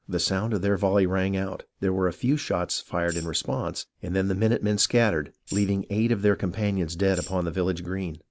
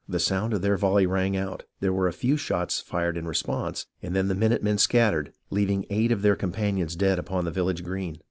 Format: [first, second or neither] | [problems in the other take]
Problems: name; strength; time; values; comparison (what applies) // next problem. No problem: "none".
second | background sound (Tambourine); 16 dB below the speech